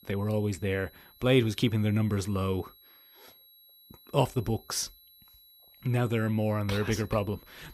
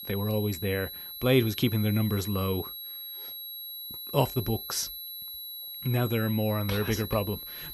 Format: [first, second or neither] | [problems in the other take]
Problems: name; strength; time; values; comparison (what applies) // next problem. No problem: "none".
first | high-pitched whine; loud; throughout; 4 kHz, 8 dB below the speech; faint in the first